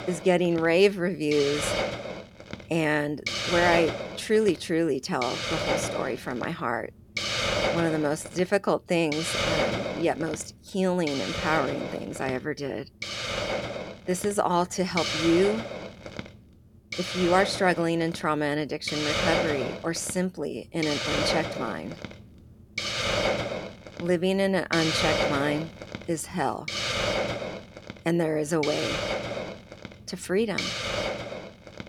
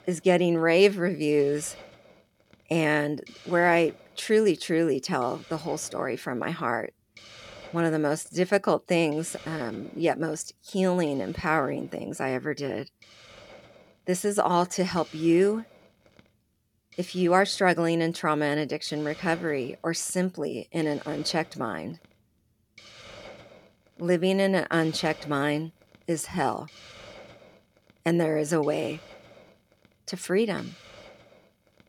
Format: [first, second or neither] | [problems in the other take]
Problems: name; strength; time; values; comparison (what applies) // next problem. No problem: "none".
second | hiss; loud; throughout; 3 dB below the speech; faint in the second